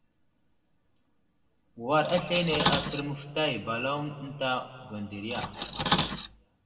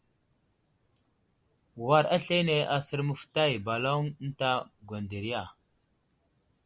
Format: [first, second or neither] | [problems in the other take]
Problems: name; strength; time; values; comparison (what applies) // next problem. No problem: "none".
second | background sound (Cutlery, silverware); 3 dB below the speech // room echo; dies away in 1.8 s